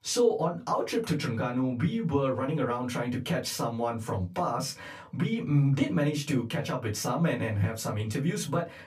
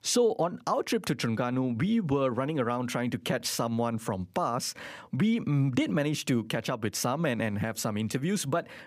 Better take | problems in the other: second | off-mic speech; far // room echo; very slight; dies away in 0.2 s

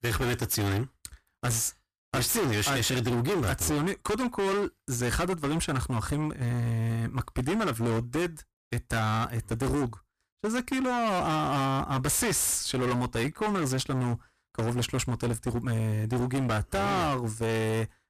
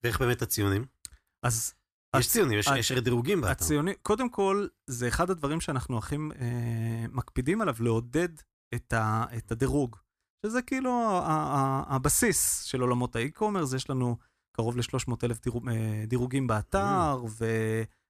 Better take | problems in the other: second | distortion; heavy; 30% of the sound clipped

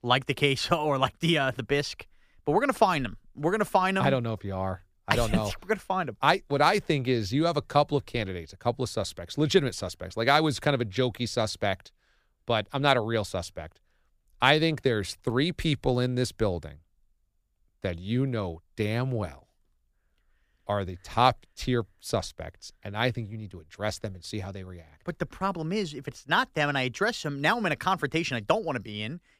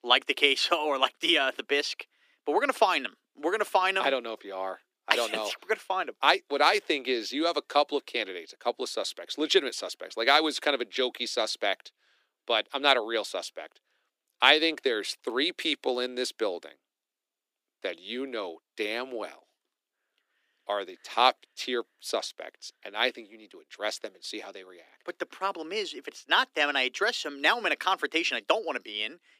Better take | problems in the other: first | thin; somewhat; fading below 300 Hz

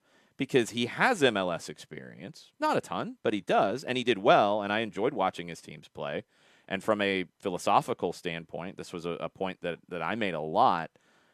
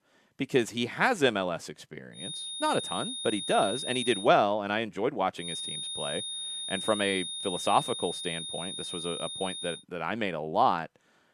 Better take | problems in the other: first | high-pitched whine; loud; from 2 to 4 s and from 5.5 to 10 s; 3.5 kHz, 5 dB below the speech

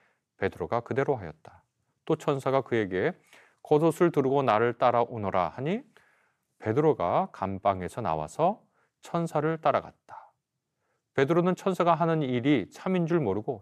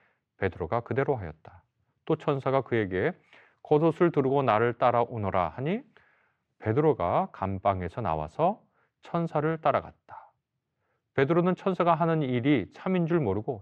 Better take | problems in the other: first | muffled; slightly; fading above 3 kHz

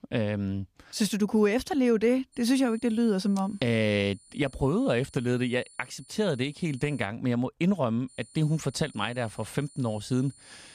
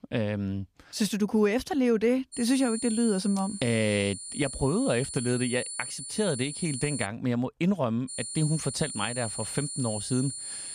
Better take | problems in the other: first | high-pitched whine; loud; from 2.5 to 7 s and from 8 s on; 9.5 kHz, 7 dB below the speech; faint in the first

